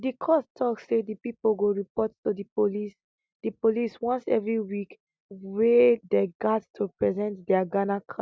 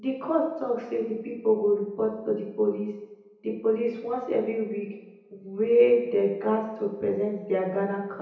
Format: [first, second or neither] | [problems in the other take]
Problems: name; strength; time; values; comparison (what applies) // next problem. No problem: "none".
first | room echo; dies away in 0.9 s